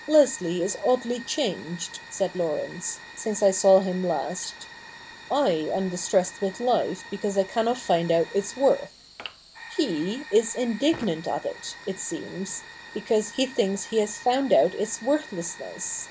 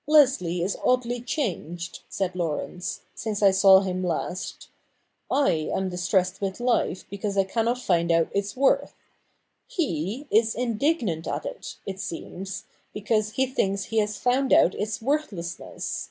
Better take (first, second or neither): second